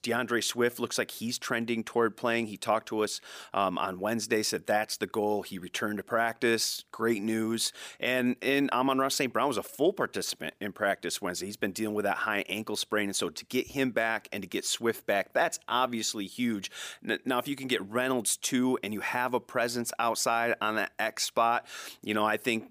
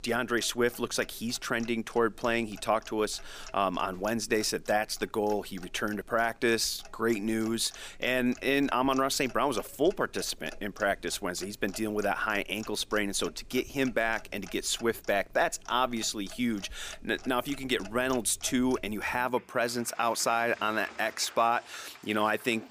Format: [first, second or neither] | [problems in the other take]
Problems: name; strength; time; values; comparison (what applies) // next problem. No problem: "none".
first | household noises; faint; throughout; 20 dB below the speech